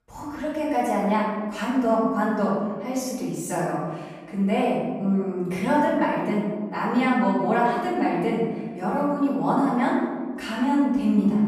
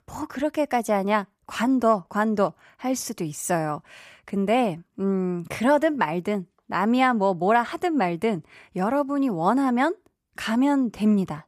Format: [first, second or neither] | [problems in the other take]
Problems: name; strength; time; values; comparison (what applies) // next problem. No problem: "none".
second | off-mic speech; far // room echo; noticeable; dies away in 1.4 s